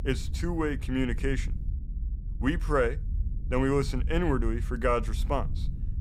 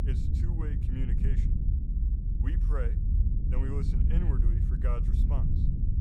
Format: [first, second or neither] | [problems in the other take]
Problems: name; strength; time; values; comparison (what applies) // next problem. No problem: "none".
first | low rumble; loud; throughout; as loud as the speech; faint in the first